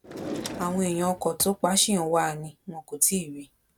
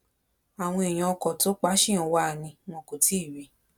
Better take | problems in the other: second | background sound (Drawer open or close); 11 dB below the speech

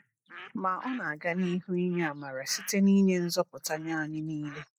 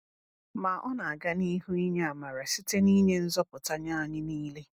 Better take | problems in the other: second | noise reduction (neural mask model Resemble Enhance denoiser)

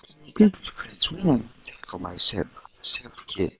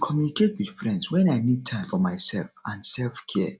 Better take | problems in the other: second | noise reduction (neural separator model SepFormer WHAM!)

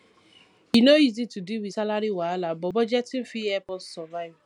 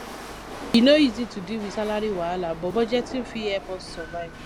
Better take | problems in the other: first | background sound (Rattle / Chatter / Hiss / Engine / Mechanisms); 13 dB below the speech

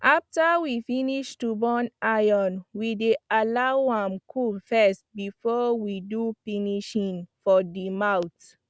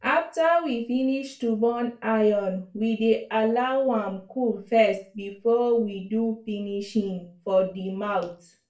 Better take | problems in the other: first | room echo; dies away in 0.3 s

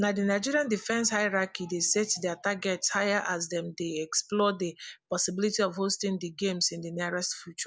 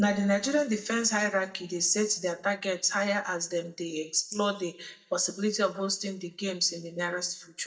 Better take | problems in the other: first | noise reduction (neural mask model DeepFilterNet 3)

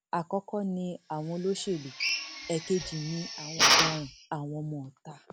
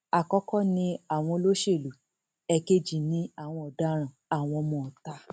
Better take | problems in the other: second | background sound (Drill); 4 dB above the speech

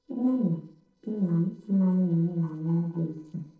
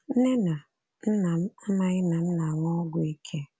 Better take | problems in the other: second | noise reduction (neural separator model SepFormer DNS4)

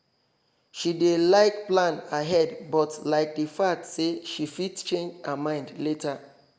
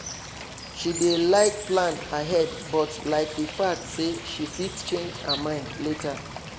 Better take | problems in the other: first | background sound (Water / Bird); 9 dB below the speech

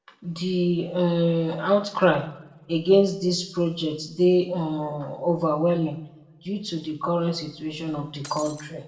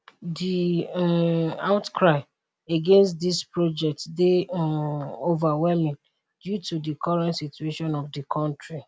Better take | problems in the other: second | background sound (Shatter); 15 dB below the speech // room echo; dies away in 0.6 s

